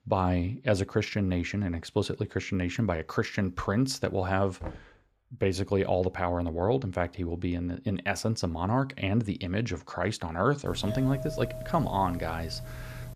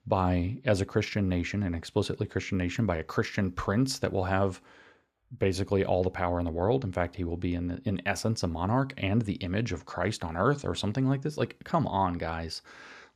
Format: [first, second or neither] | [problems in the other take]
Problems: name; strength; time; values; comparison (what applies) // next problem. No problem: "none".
second | door banging; faint; at 4.5 s; peak 15 dB below the speech // doorbell; noticeable; from 11 s on; peak 8 dB below the speech